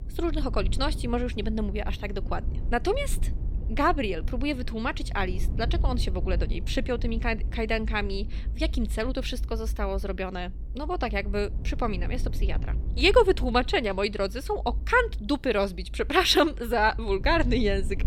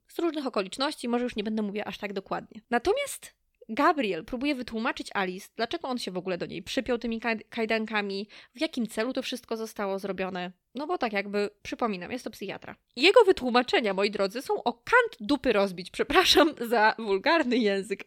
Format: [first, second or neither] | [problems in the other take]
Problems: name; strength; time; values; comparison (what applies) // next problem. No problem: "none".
second | low rumble; faint; throughout; 20 dB below the speech